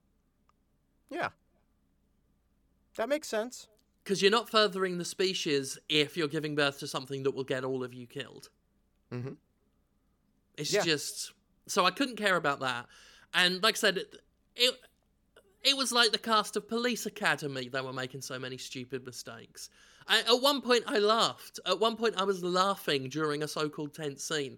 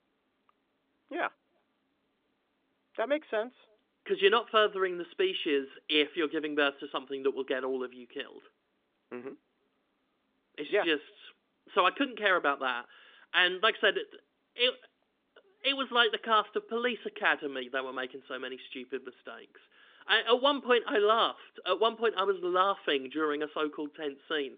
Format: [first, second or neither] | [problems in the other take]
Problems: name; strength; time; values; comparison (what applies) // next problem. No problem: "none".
first | phone-call audio